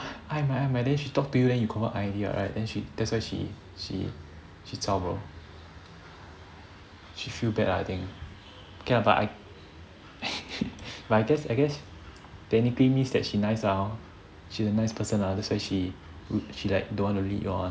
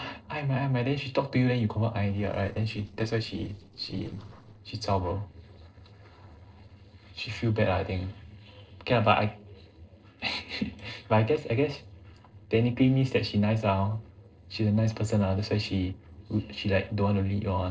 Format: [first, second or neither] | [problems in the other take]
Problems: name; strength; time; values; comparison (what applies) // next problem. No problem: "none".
first | noise reduction (neural separator model SepFormer DNS4)